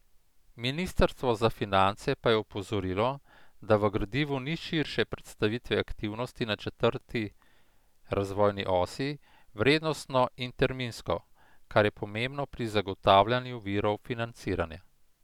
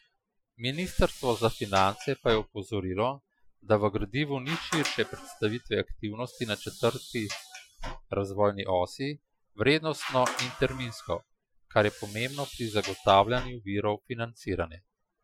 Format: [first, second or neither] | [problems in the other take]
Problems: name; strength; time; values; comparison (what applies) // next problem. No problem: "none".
first | noise reduction (classical method Wiener filter)